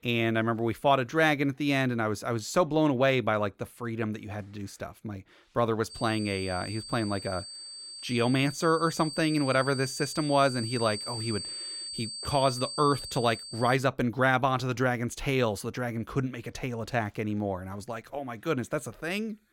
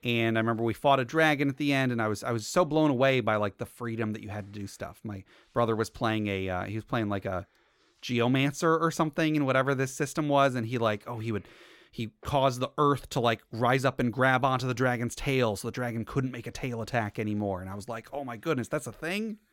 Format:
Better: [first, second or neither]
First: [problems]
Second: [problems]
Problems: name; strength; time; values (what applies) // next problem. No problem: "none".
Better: second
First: high-pitched whine; loud; from 6 to 14 s; 4.5 kHz, 9 dB below the speech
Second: none